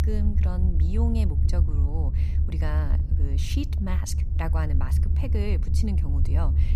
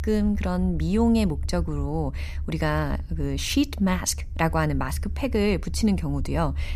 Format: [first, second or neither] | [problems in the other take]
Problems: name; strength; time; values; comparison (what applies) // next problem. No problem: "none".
second | low rumble; loud; throughout; 4 dB below the speech; faint in the second